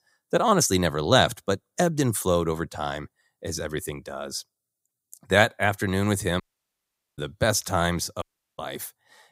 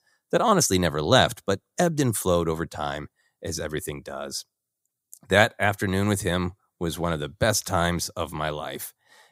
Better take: second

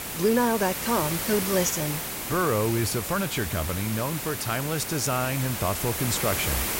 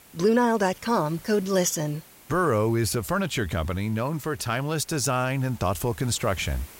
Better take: second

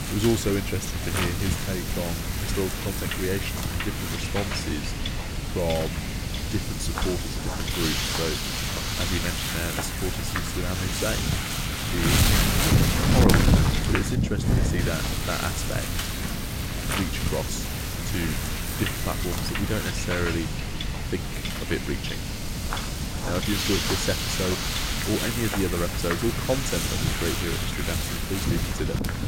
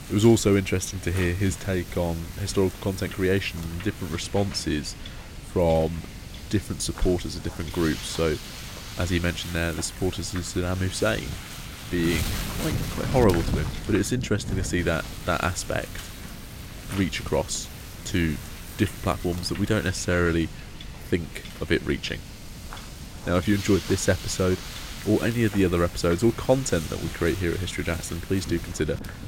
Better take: second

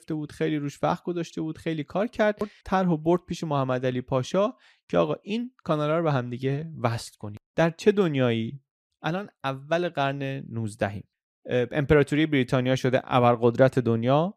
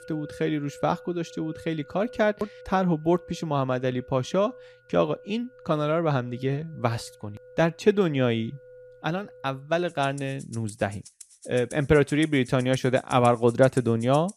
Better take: first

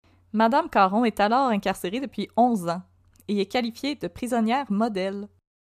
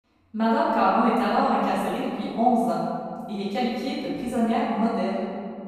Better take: first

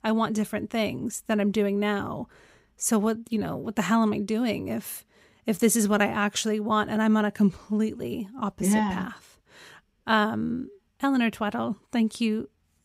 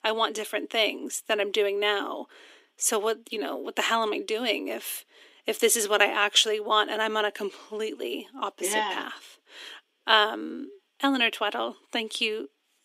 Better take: first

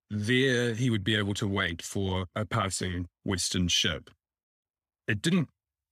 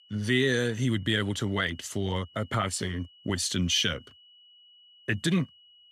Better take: first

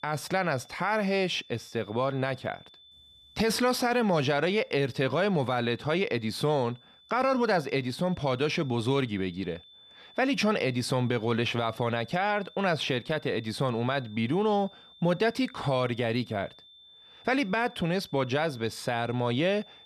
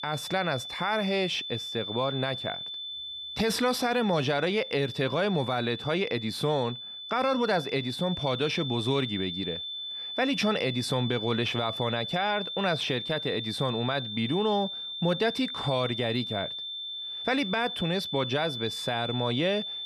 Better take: first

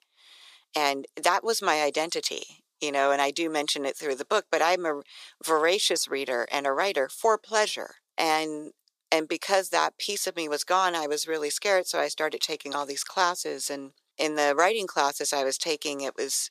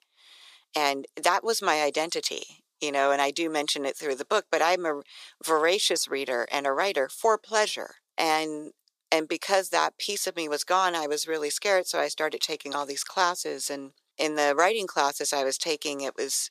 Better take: neither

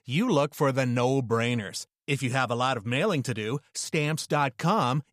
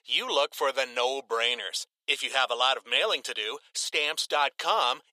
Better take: first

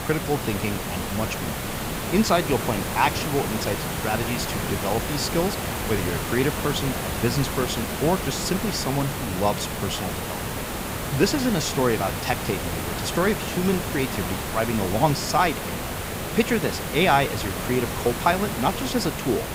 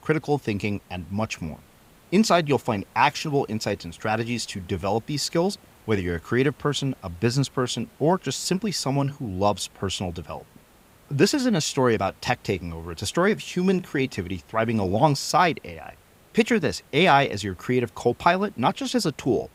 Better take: second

